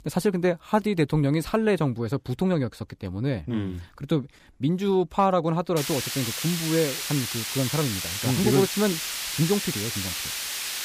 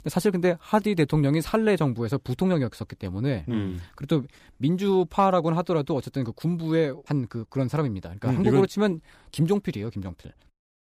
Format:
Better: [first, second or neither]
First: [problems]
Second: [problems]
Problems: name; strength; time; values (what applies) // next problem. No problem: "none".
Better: second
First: hiss; loud; from 6 s on; 3 dB below the speech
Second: none